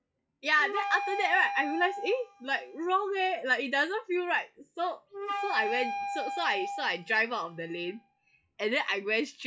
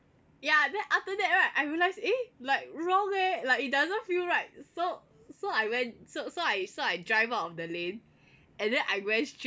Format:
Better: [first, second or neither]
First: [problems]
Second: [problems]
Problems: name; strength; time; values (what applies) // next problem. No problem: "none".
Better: second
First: noise reduction (classical method log-MMSE)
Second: none